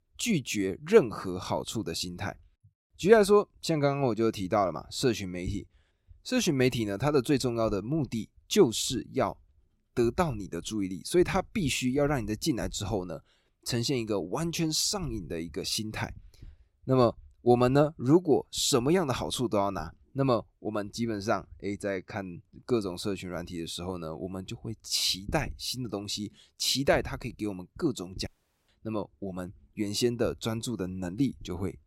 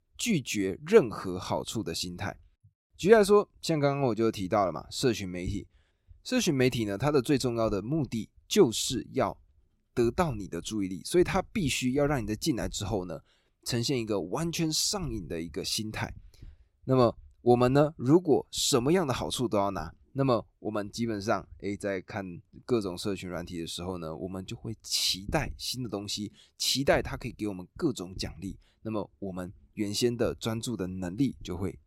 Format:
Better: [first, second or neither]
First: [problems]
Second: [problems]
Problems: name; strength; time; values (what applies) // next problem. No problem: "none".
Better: second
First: audio cutting out; at 28 s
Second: none